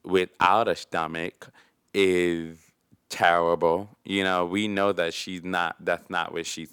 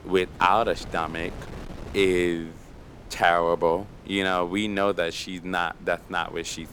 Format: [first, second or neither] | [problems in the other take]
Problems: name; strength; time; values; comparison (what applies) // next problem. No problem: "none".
first | wind noise on the microphone; occasional gusts; 25 dB below the speech